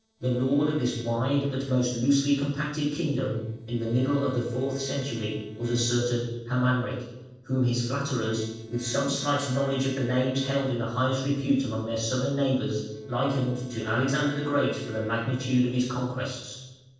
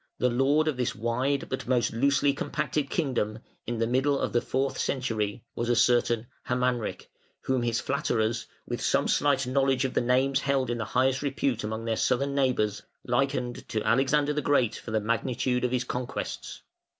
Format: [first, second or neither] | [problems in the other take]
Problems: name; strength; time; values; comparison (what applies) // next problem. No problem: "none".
second | noise reduction (neural separator model SepFormer DNS4)